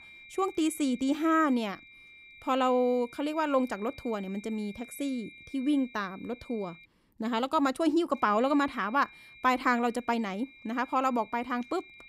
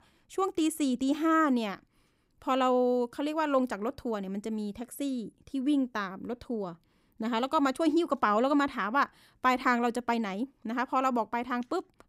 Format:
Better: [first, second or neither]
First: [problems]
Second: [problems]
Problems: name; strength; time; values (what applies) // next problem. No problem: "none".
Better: second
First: high-pitched whine; faint; until 7 s and from 8 s on; 2.5 kHz, 20 dB below the speech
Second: none